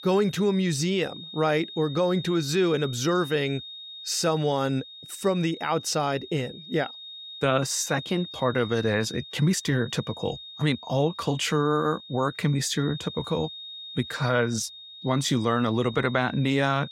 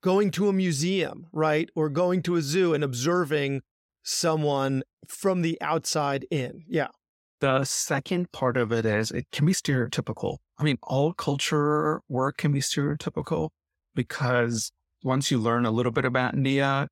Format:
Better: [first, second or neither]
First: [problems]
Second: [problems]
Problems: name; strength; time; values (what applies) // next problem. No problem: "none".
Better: second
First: high-pitched whine; noticeable; throughout; 3.5 kHz, 15 dB below the speech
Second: none